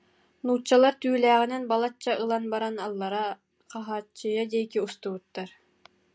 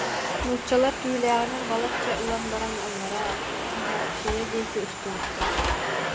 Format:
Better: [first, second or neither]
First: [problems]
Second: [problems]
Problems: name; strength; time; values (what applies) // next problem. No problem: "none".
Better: first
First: none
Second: background sound (Domestic sounds, home sounds); as loud as the speech